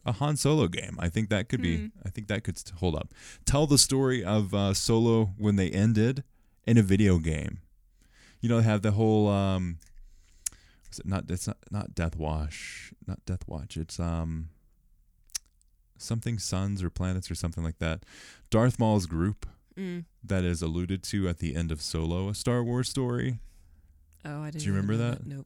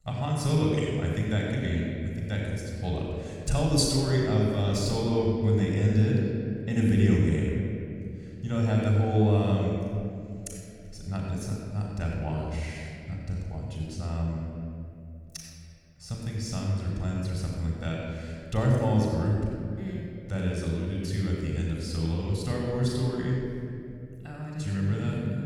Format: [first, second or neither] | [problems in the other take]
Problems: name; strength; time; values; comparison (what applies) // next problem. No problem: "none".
first | off-mic speech; far // room echo; strong; dies away in 2.5 s